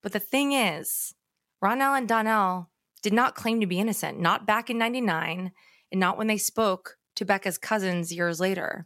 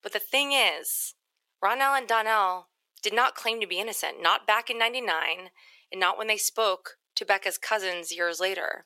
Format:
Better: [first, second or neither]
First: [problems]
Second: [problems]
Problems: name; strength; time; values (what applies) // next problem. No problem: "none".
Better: first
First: none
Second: thin; very; fading below 400 Hz